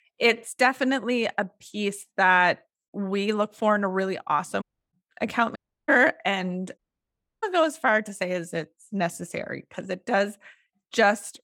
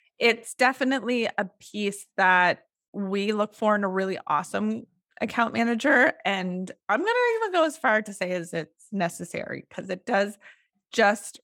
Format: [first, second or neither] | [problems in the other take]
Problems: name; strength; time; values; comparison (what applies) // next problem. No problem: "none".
second | audio cutting out; at 4.5 s, at 5.5 s and at 7 s for 0.5 s